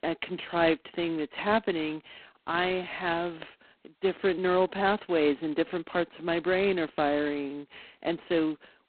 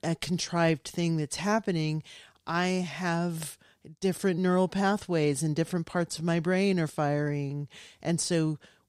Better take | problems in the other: second | phone-call audio; poor line; nothing above 4 kHz

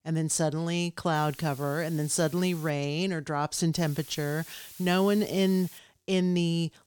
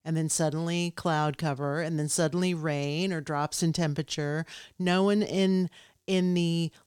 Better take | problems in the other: second | hiss; noticeable; from 1 to 2.5 s and from 3.5 to 6 s; 20 dB below the speech

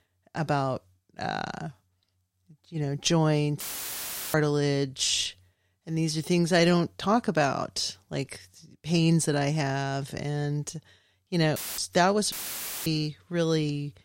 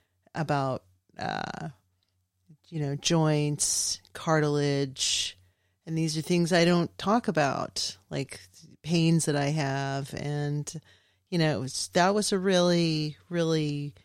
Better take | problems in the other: second | audio cutting out; filled with static; at 3.5 s for 0.5 s and at 12 s for 0.5 s

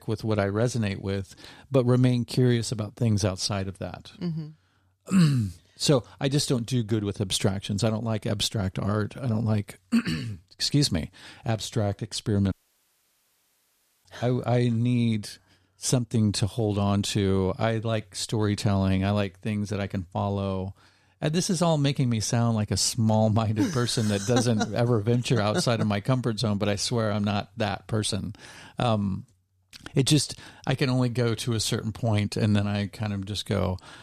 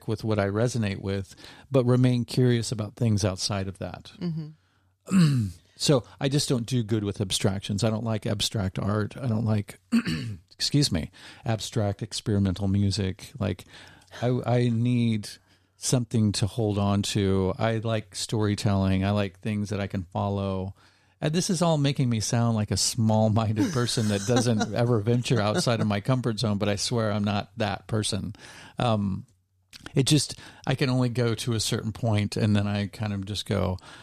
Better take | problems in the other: second | audio cutting out; at 13 s for 1.5 s

